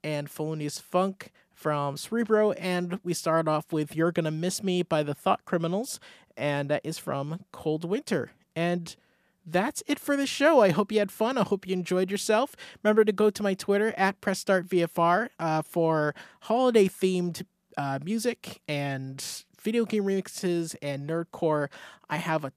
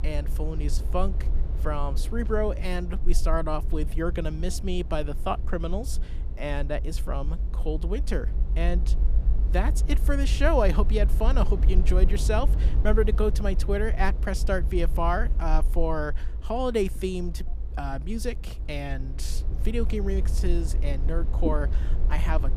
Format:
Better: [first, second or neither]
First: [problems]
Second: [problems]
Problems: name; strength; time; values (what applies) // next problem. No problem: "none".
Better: first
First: none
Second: low rumble; noticeable; throughout; 15 dB below the speech